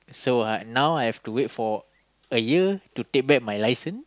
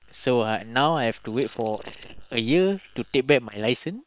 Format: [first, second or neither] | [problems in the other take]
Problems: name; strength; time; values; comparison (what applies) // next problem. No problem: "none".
first | noise reduction (neural separator model SepFormer WHAM!)